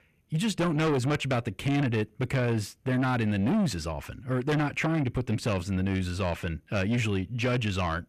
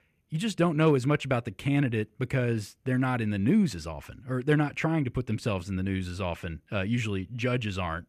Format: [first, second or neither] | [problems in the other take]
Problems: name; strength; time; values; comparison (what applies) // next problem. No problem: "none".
second | distortion; heavy; 8 dB below the speech